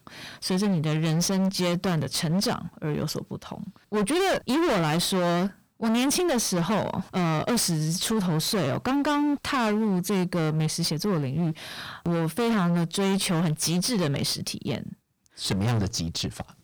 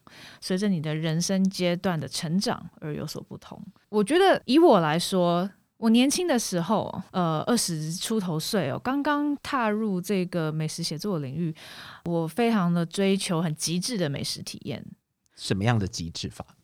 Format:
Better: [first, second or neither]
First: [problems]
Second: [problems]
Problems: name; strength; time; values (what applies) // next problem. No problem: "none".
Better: second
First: distortion; heavy; 26% of the sound clipped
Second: none